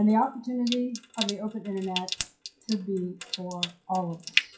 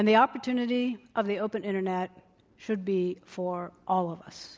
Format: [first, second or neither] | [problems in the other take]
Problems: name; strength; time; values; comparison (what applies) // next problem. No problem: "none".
second | noise reduction (classical method WPE with log-MMSE)